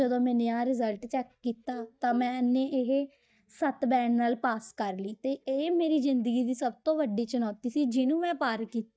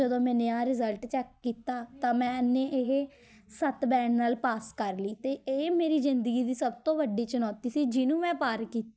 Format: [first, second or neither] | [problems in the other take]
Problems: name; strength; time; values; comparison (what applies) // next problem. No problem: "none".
second | noise reduction (neural mask model DeepFilterNet 3)